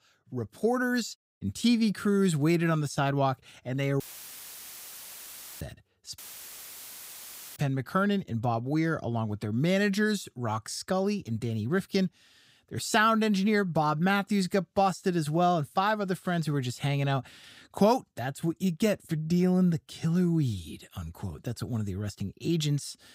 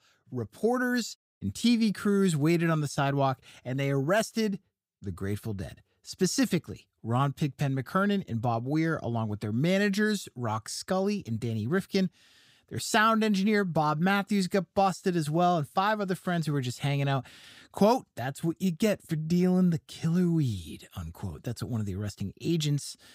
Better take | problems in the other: second | audio cutting out; filled with static; at 4 s for 1.5 s and at 6 s for 1.5 s

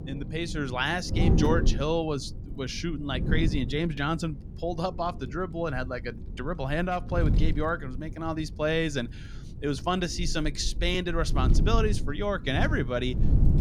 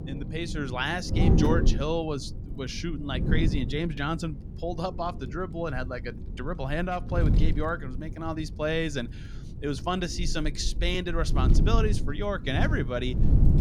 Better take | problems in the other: first | wind noise on the microphone; heavy; 7 dB below the speech; occasional gusts in the first

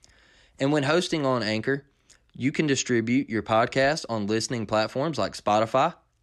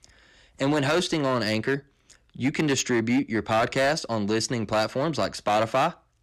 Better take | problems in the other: first | distortion; slight; 8% of the sound clipped

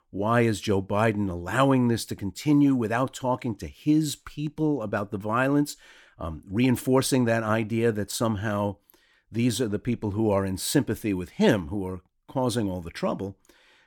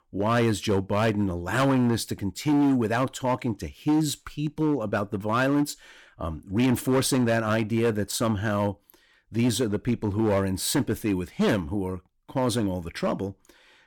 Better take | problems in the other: first | distortion; slight; 8% of the sound clipped

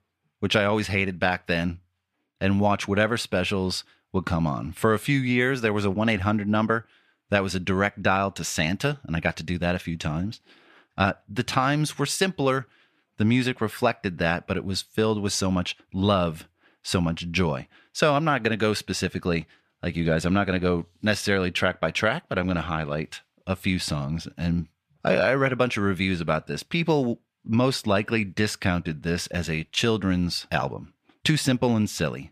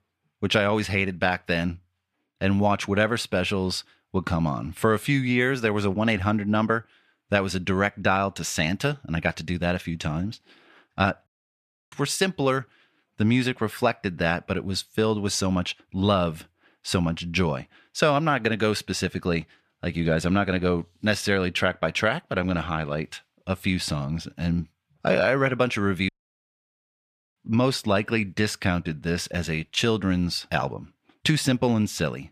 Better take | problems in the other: first | audio cutting out; at 11 s for 0.5 s and at 26 s for 1.5 s

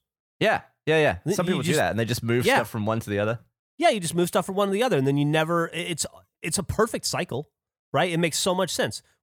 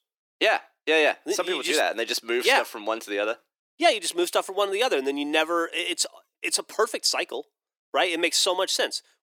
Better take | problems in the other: first | thin; somewhat; fading below 300 Hz

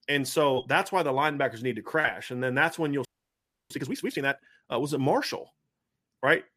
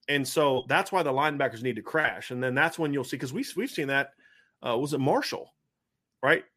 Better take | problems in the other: second | audio freezing; at 3 s for 0.5 s

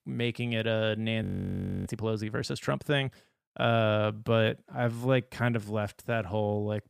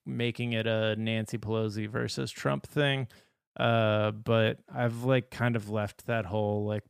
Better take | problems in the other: second | audio freezing; at 1 s for 0.5 s

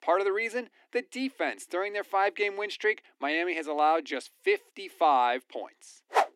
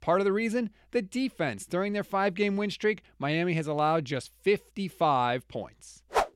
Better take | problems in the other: second | thin; somewhat; fading below 250 Hz

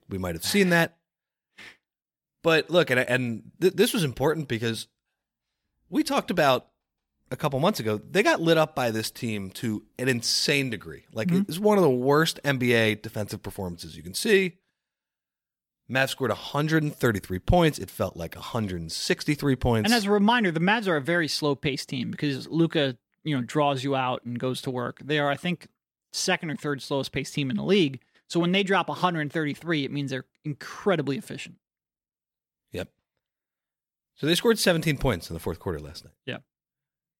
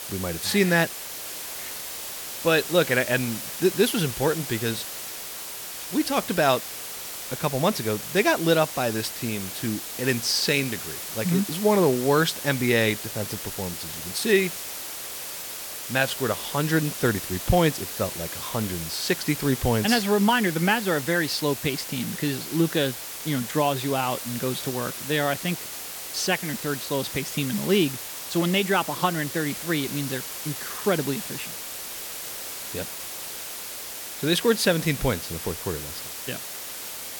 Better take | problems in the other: first | hiss; loud; throughout; 7 dB below the speech

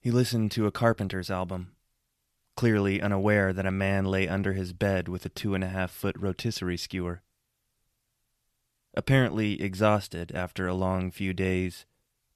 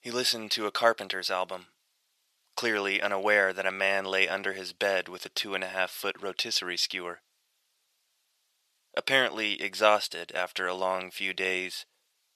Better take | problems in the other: first | thin; very; fading below 600 Hz

